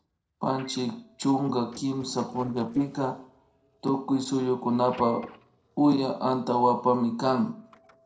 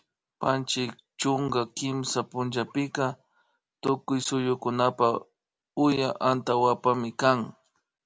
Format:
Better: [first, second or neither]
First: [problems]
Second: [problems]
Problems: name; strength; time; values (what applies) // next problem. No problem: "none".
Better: second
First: noise reduction (neural separator model SepFormer DNS4)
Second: none